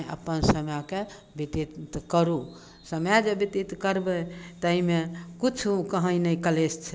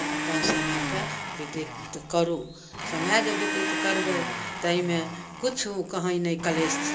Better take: first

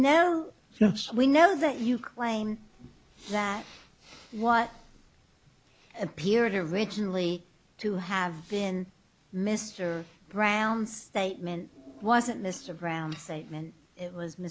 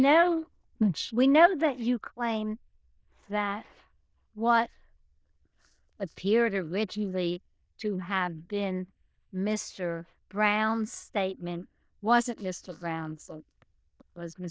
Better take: first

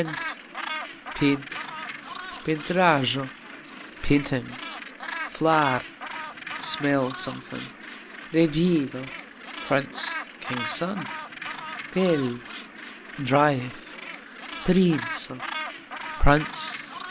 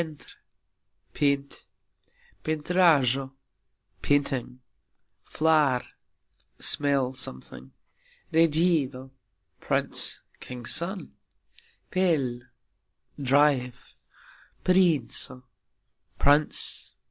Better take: second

